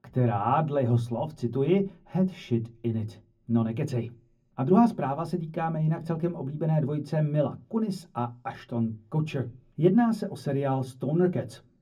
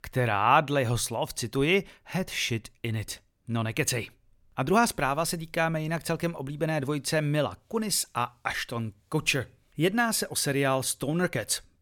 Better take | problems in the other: second | room echo; very slight; dies away in 0.4 s // off-mic speech; far

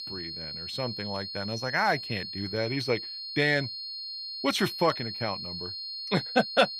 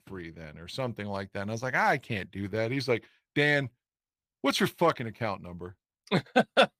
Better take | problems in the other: second | high-pitched whine; loud; throughout; 4.5 kHz, 6 dB below the speech

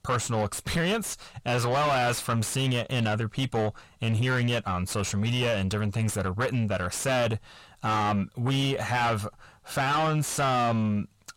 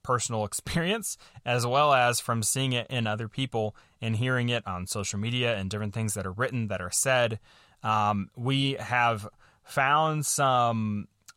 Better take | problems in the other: second | distortion; heavy; 6 dB below the speech

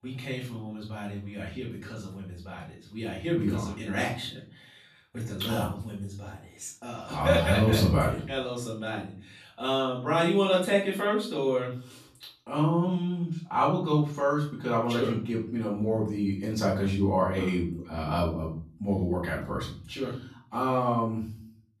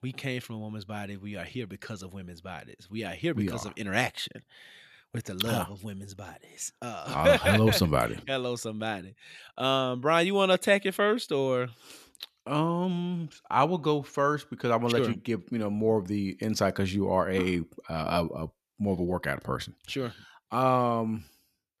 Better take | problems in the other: second | off-mic speech; far // room echo; slight; dies away in 0.5 s

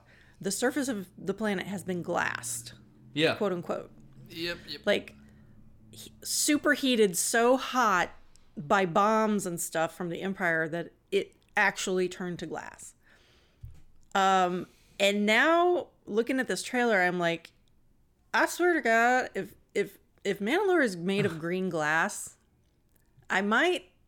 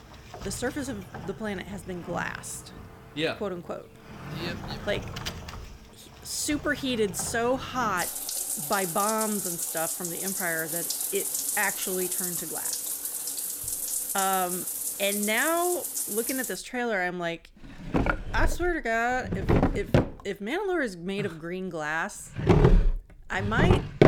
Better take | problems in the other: first | household noises; very loud; throughout; 2 dB above the speech

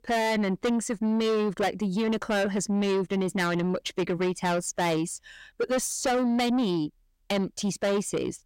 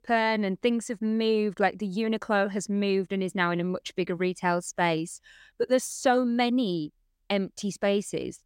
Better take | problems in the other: second | distortion; heavy; 7 dB below the speech

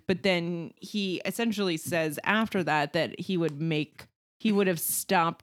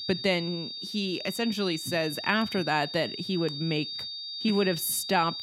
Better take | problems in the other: first | high-pitched whine; loud; throughout; 4.5 kHz, 6 dB below the speech

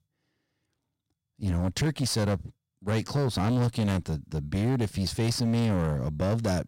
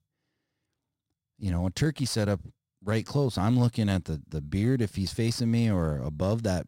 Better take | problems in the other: second | distortion; slight; 10 dB below the speech

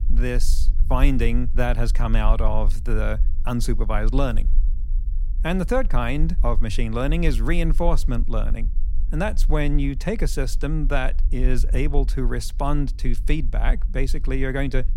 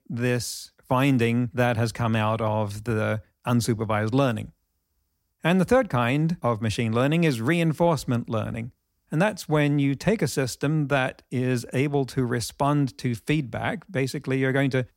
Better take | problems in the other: second | low rumble; faint; throughout; 20 dB below the speech

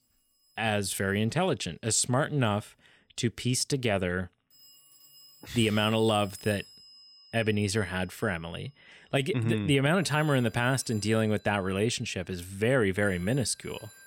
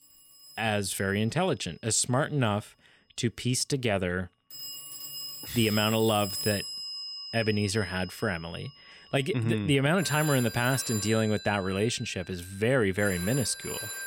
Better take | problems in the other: first | alarms or sirens; loud; throughout; 8 dB below the speech; faint in the first

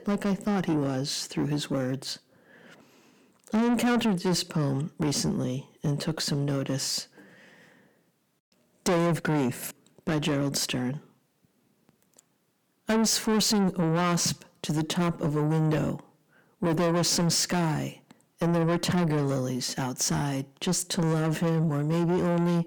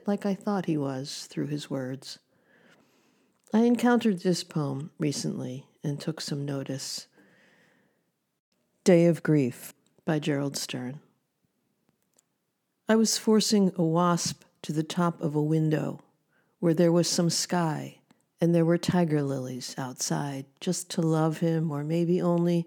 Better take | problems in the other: second | distortion; heavy; 6 dB below the speech

